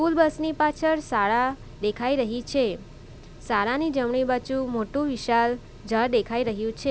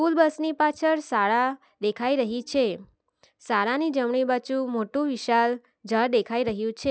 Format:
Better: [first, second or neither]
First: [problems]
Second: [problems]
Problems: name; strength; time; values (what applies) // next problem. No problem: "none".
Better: second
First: background sound (Mechanical fan); 18 dB below the speech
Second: none